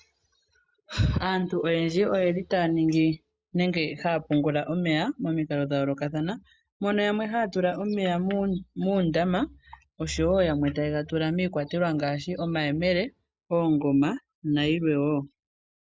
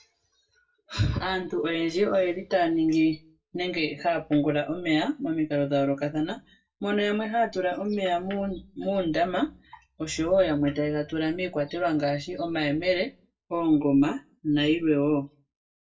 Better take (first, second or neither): first